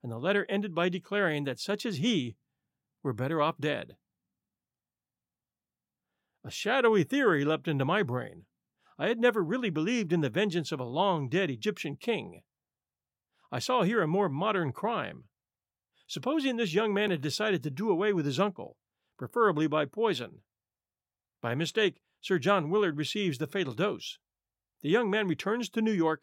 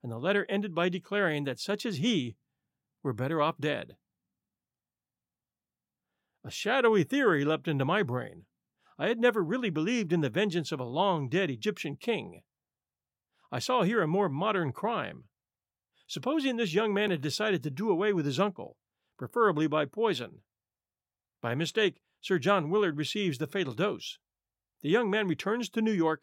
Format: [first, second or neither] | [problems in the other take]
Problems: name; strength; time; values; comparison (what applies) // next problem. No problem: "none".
neither | none